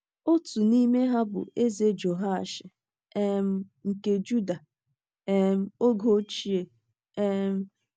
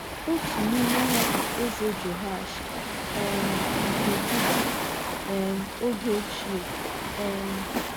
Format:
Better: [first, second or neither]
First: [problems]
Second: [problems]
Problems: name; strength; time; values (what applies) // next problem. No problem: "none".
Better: first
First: none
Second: background sound (Waves, surf); 2 dB above the speech